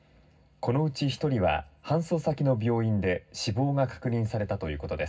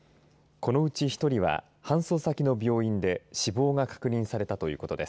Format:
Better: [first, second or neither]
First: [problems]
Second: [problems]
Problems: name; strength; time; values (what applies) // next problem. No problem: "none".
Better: second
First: room echo; dies away in 0.4 s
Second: none